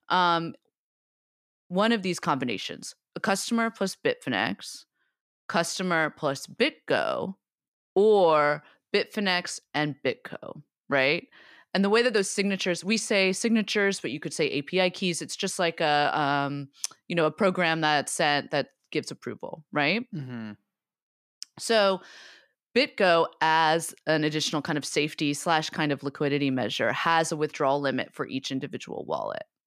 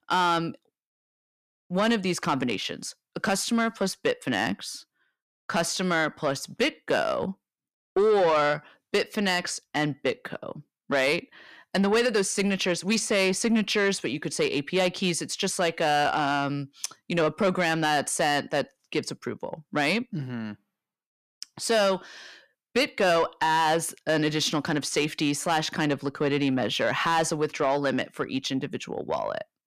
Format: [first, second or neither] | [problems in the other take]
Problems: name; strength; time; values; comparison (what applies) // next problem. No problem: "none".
first | distortion; slight; 10 dB below the speech